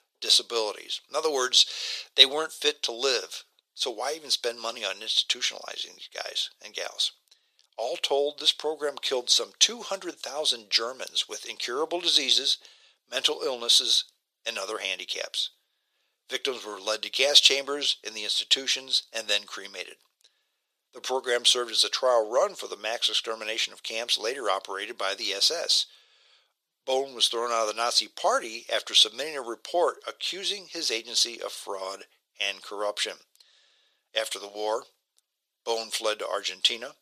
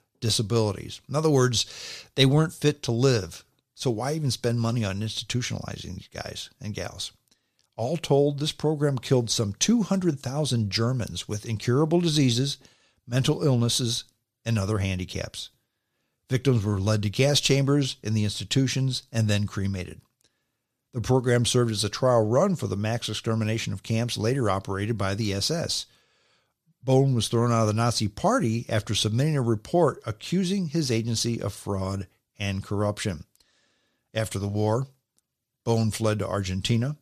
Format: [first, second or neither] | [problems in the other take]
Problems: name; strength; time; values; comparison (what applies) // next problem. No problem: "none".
second | thin; very; fading below 450 Hz